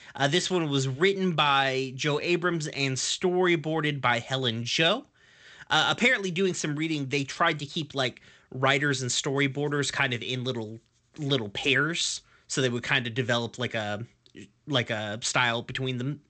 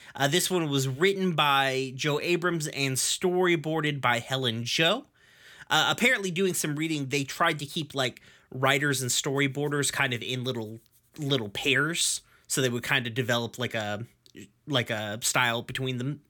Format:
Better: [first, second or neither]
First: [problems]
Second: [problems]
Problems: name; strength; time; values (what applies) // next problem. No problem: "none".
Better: second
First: garbled, watery; slightly; nothing above 8 kHz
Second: none